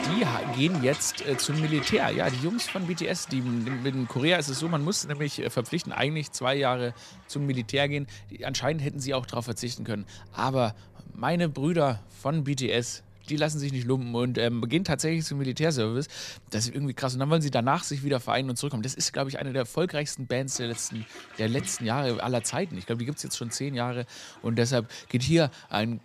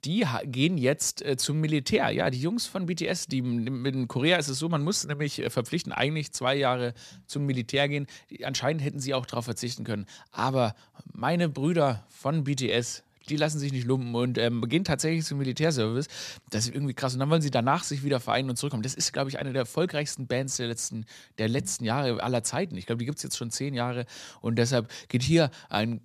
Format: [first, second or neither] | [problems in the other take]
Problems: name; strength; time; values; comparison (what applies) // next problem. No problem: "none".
second | household noises; noticeable; throughout; 15 dB below the speech